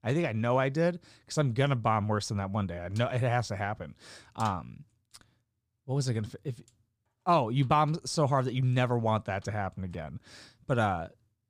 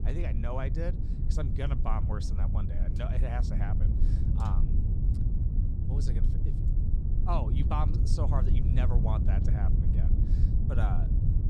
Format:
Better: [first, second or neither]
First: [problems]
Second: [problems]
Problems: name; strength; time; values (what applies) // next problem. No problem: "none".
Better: first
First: none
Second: low rumble; loud; throughout; 4 dB below the speech